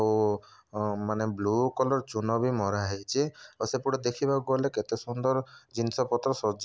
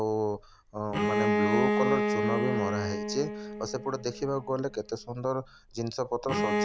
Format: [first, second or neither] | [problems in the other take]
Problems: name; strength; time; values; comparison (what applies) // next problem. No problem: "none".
first | background sound (Bowed string instrument); 1 dB above the speech